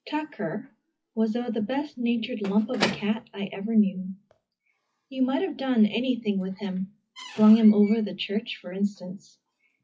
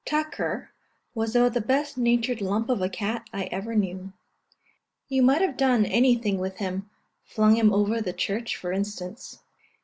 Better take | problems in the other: second | noise reduction (classical method WPE with log-MMSE)

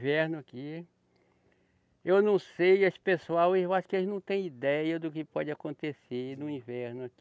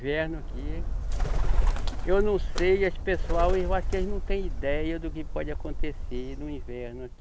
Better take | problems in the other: first | background sound (Bird); 3 dB above the speech

